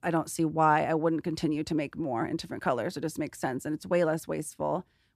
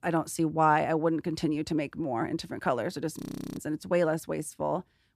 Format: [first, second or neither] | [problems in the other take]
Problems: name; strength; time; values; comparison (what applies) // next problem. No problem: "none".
first | audio freezing; at 3 s